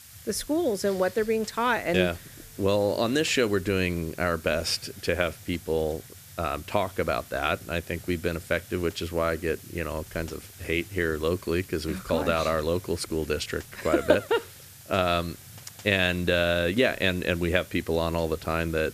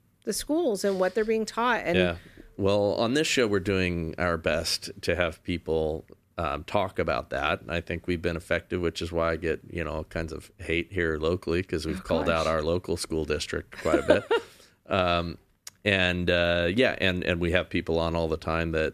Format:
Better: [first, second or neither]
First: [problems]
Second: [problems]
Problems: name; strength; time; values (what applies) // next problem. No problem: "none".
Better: second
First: hiss; noticeable; throughout; 20 dB below the speech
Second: none